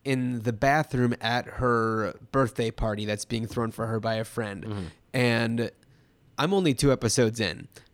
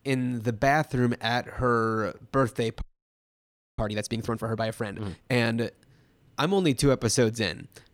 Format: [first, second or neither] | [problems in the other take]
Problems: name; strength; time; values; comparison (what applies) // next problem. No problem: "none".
first | audio freezing; at 3 s for 1 s